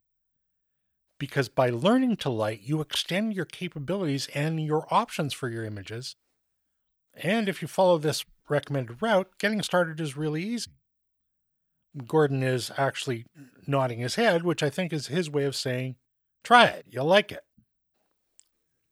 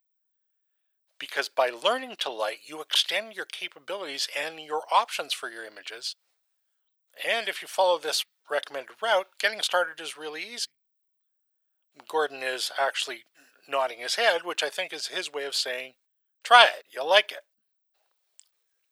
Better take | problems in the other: first | thin; very; fading below 600 Hz

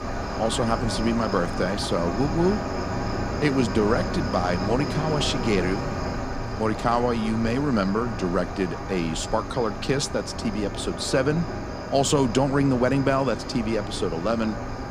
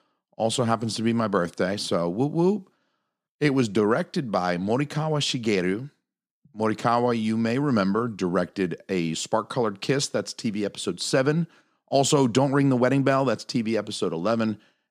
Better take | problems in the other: second | animal sounds; loud; throughout; 5 dB below the speech

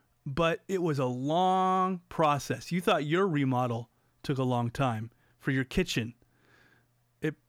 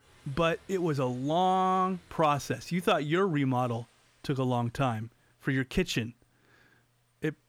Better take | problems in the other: first | rain or running water; faint; throughout; 30 dB below the speech

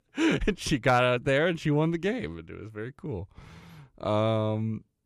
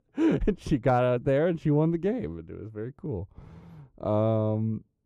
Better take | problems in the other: first | muffled; slightly; fading above 1 kHz

